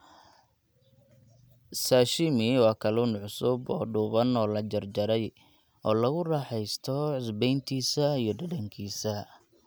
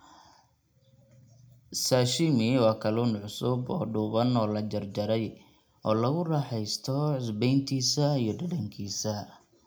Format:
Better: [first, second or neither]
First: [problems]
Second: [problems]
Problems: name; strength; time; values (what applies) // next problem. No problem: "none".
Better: first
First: none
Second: room echo; dies away in 0.2 s